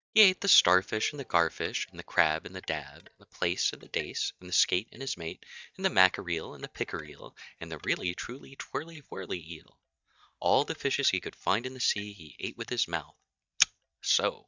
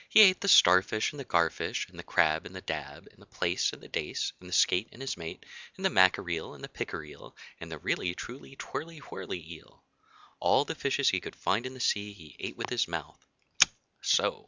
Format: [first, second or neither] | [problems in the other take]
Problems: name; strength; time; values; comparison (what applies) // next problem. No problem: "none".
second | noise reduction (neural mask model DeepFilterNet 3)